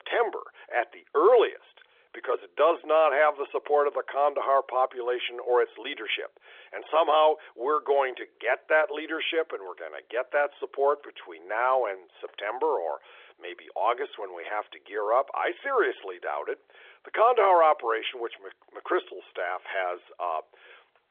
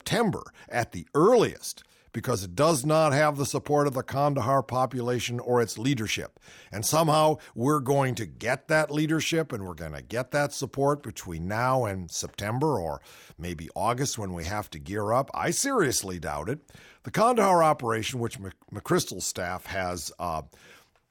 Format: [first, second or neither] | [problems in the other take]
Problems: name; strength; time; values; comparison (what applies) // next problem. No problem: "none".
second | phone-call audio; nothing above 3.5 kHz